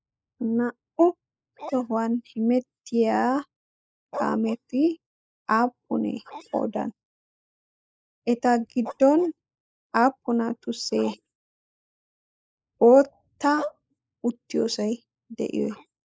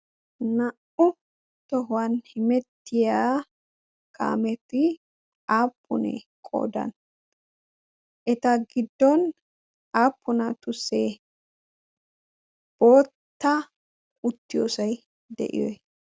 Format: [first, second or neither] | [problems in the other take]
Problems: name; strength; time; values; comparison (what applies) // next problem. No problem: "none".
second | noise reduction (neural mask model Resemble Enhance denoiser)